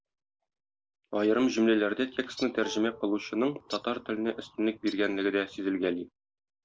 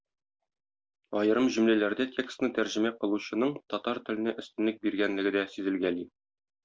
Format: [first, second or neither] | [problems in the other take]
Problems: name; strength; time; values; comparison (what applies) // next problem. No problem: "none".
second | background sound (Bird + Plucked string instrument); 18 dB below the speech